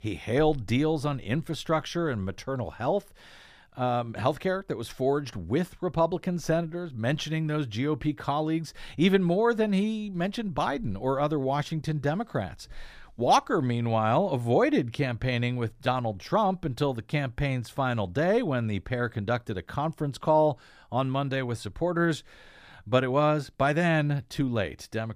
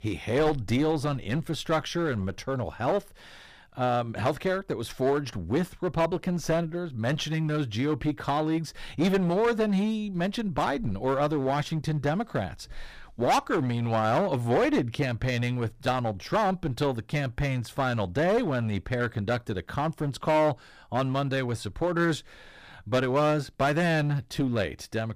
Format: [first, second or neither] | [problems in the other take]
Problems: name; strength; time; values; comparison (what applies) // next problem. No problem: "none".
first | distortion; slight; 9% of the sound clipped